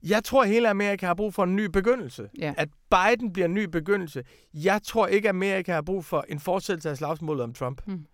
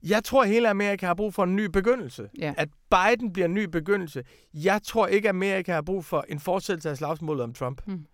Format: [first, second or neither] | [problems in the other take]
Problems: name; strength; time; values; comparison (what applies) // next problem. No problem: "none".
neither | none